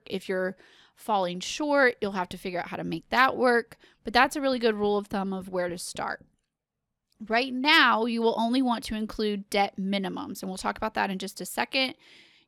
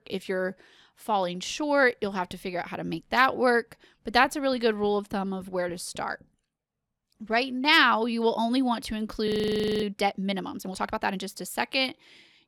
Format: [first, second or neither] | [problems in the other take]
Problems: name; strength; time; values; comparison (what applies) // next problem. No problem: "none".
first | audio freezing; at 9.5 s for 0.5 s